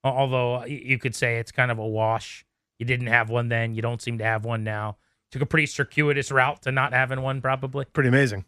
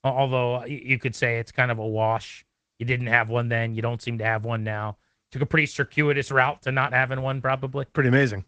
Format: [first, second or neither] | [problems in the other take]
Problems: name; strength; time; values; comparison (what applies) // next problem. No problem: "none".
first | garbled, watery; slightly; nothing above 8 kHz